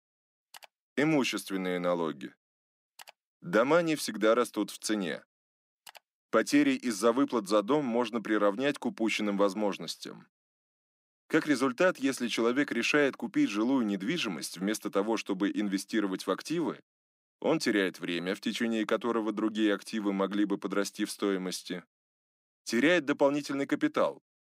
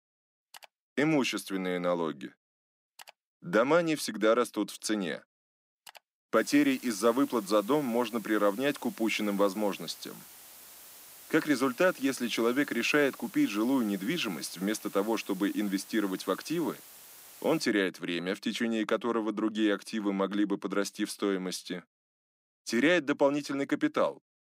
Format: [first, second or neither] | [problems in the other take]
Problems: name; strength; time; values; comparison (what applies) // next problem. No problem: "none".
first | hiss; noticeable; from 6.5 to 18 s; 20 dB below the speech